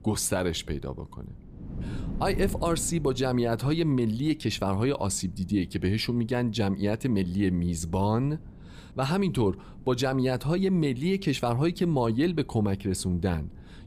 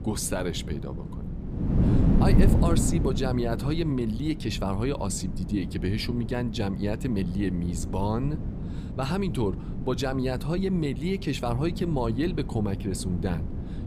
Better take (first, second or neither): first